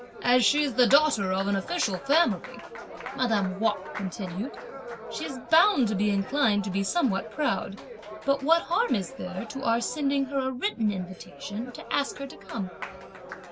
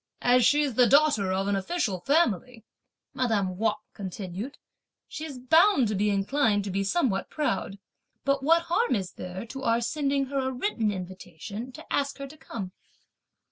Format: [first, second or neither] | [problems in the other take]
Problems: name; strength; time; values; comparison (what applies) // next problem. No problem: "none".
second | background sound (Applause); 13 dB below the speech